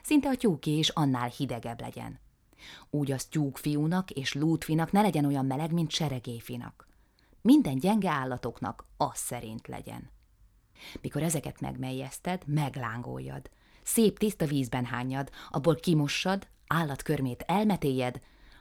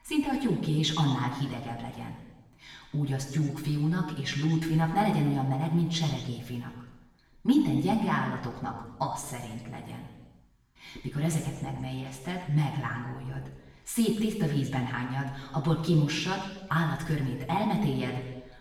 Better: first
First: none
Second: room echo; noticeable; dies away in 1.1 s // off-mic speech; far

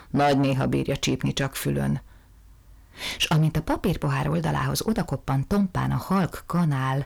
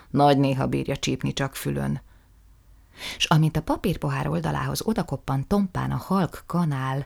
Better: second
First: distortion; slight; 10 dB below the speech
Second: none

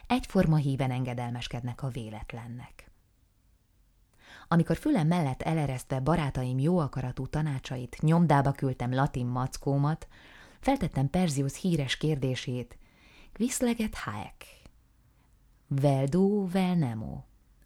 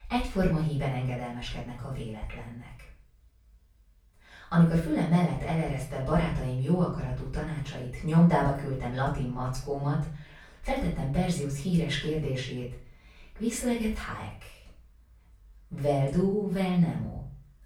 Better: first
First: none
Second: off-mic speech; far // room echo; noticeable; dies away in 0.4 s

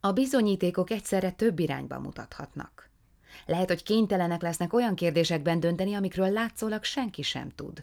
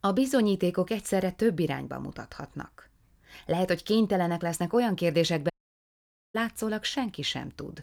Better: first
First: none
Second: audio cutting out; at 5.5 s for 1 s

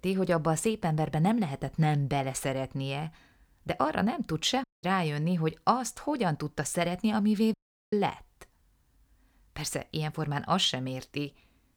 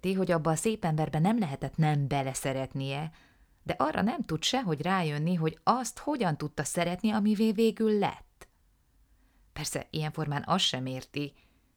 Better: second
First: audio cutting out; at 4.5 s and at 7.5 s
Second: none

